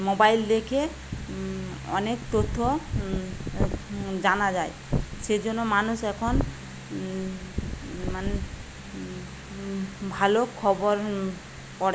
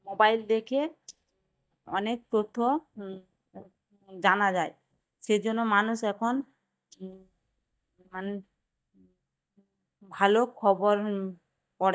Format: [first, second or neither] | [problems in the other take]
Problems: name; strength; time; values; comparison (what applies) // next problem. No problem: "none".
first | noise reduction (neural mask model DeepFilterNet 3)